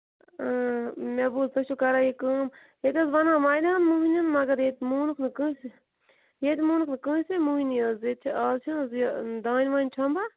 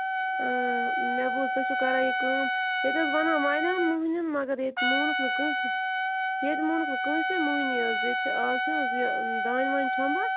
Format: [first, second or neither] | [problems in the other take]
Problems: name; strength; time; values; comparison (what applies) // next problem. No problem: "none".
first | background sound (Trumpet); 2 dB above the speech